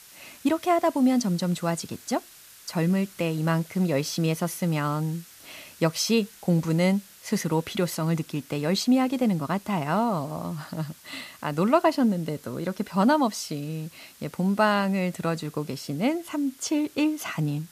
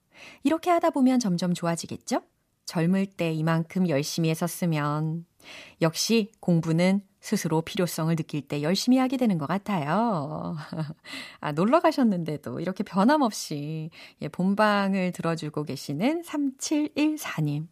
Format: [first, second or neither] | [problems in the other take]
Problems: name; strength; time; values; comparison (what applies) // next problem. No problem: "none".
second | hiss; faint; throughout; 20 dB below the speech